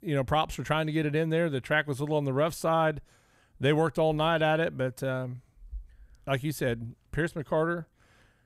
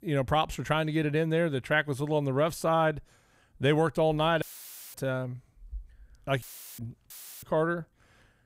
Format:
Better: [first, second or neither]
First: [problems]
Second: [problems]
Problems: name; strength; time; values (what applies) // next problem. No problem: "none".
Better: first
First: none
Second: audio cutting out; filled with static; at 4.5 s for 0.5 s, at 6.5 s and at 7 s